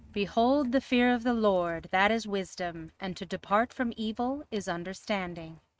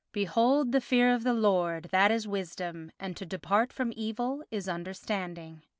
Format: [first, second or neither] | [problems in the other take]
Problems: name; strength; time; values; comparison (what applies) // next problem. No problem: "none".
second | noise reduction (neural mask model RNNoise)